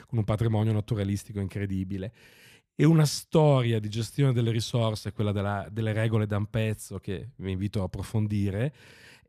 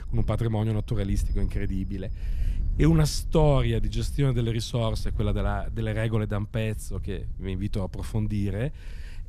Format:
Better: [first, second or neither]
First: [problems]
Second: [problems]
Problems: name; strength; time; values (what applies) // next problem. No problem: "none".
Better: first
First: none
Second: wind noise on the microphone; occasional gusts; 20 dB below the speech